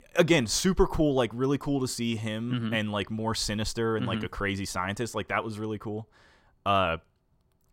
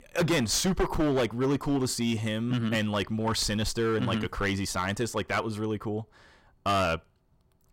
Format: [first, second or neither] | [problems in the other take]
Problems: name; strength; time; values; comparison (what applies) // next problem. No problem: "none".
first | distortion; heavy; 9% of the sound clipped